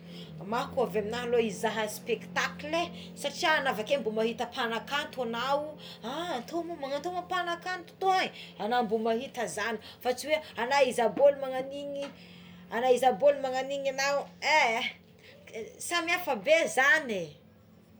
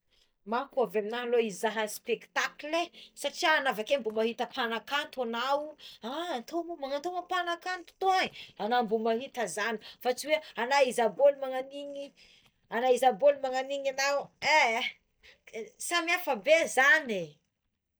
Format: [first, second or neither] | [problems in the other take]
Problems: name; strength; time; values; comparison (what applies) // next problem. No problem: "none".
first | noise reduction (neural mask model DeepFilterNet 3)